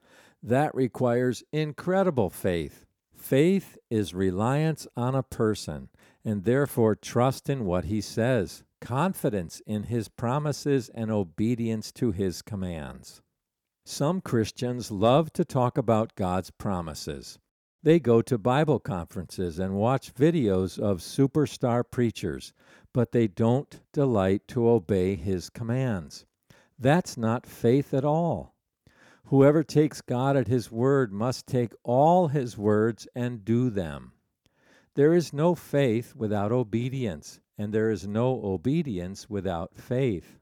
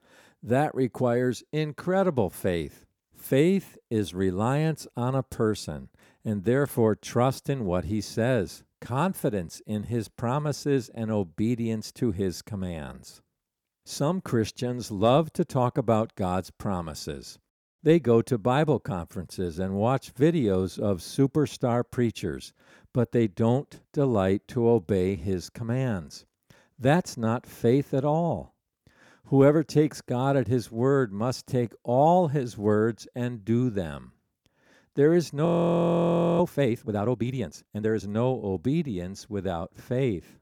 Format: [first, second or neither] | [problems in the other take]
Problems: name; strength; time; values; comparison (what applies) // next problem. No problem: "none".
first | audio freezing; at 35 s for 1 s